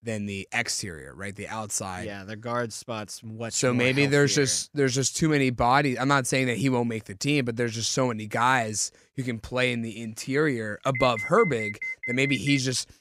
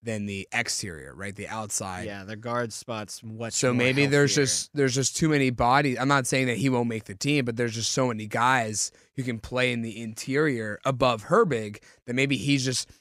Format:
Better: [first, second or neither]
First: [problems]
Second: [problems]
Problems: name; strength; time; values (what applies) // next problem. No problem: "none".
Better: second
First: alarm; noticeable; from 11 s on; peak 6 dB below the speech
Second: none